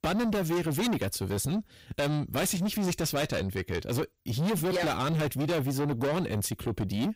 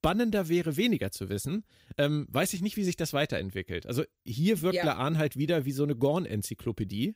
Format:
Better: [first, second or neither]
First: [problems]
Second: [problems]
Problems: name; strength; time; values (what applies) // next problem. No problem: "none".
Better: second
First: distortion; heavy; 6 dB below the speech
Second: none